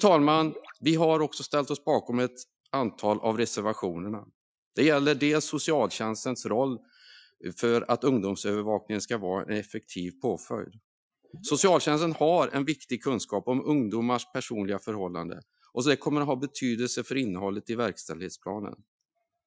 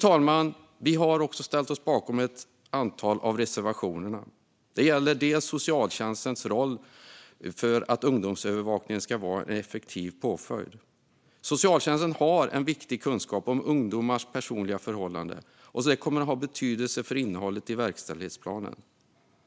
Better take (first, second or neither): second